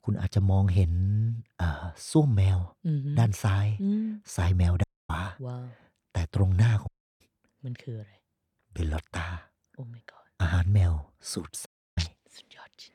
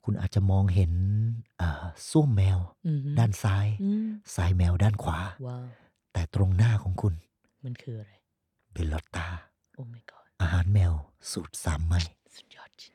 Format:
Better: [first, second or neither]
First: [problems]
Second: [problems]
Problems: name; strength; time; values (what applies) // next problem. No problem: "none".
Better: second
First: audio cutting out; at 5 s, at 7 s and at 12 s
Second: none